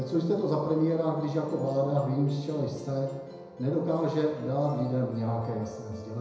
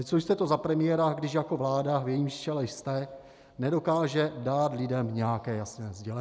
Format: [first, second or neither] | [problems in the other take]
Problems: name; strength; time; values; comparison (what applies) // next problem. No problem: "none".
second | background sound (Musical instrument); 16 dB below the speech // room echo; dies away in 1 s